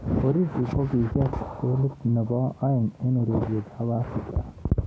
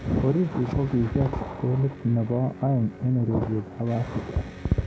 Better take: first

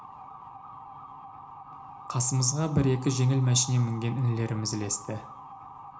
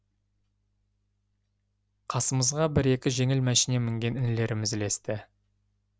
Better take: second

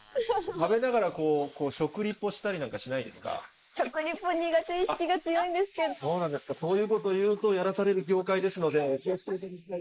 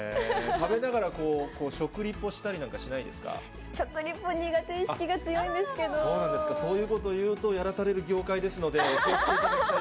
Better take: second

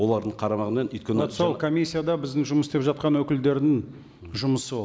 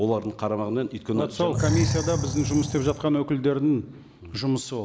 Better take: first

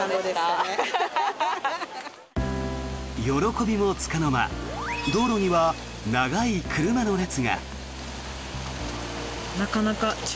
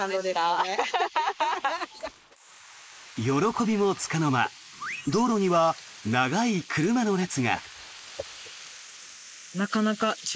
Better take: first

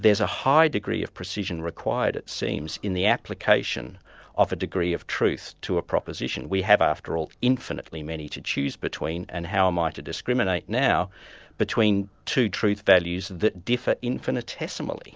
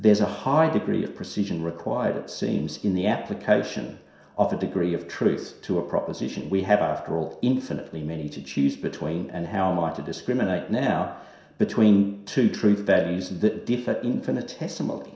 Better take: first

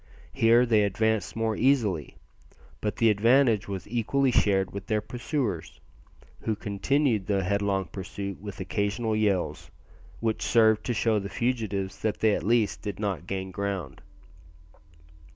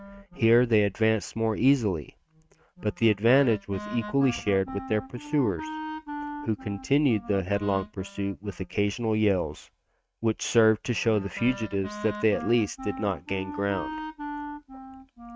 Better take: first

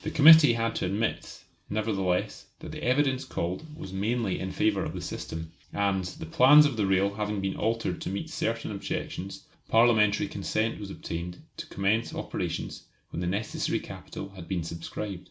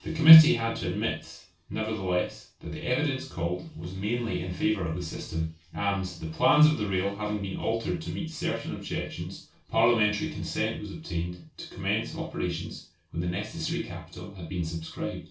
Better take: first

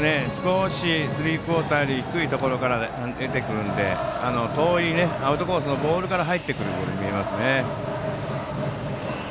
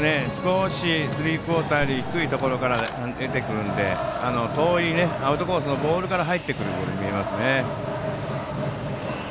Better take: first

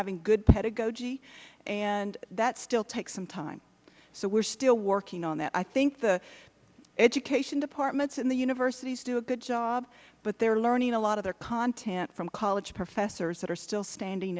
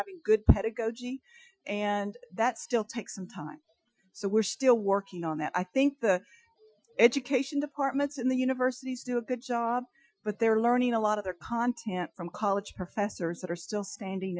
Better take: first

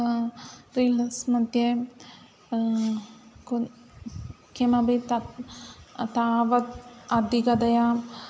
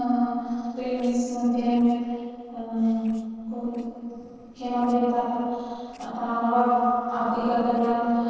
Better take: first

